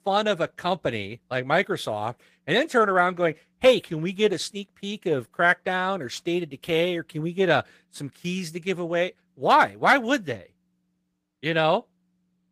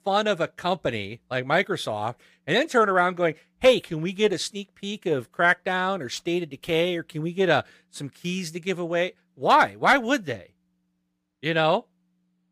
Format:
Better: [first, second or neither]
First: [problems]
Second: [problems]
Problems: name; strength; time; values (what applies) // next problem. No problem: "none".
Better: second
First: garbled, watery; slightly; nothing above 15 kHz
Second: none